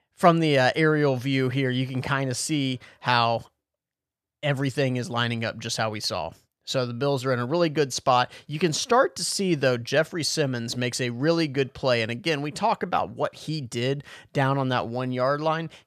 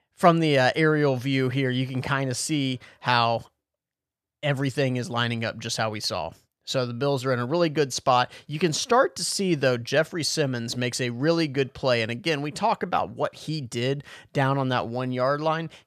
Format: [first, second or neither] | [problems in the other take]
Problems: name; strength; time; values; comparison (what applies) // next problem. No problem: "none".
neither | none